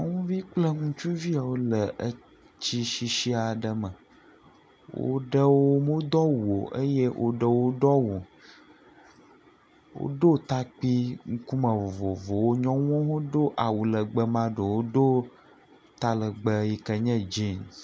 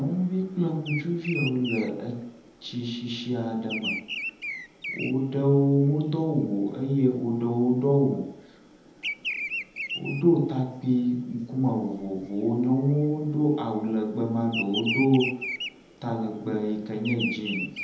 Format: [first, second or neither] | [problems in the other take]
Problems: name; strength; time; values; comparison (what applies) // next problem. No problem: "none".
first | background sound (Bird vocalization, bird call, bird song); 12 dB below the speech // room echo; dies away in 0.8 s